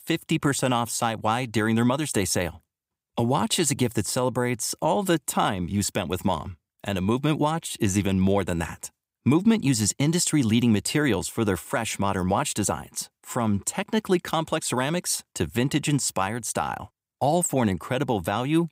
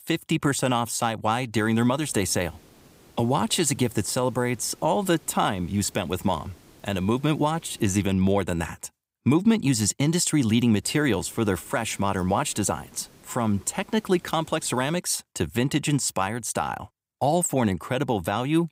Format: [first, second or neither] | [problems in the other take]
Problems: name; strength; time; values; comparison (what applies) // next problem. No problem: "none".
first | hiss; faint; from 1.5 to 8 s and from 11 to 15 s; 30 dB below the speech